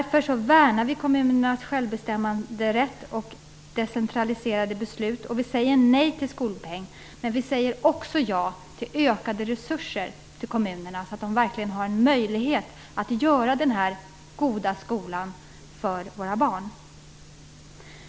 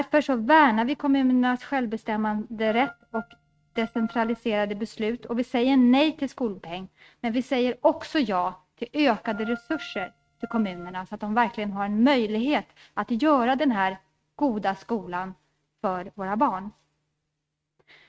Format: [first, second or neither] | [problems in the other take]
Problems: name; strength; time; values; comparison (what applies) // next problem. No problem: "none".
first | noise reduction (neural mask model RNNoise)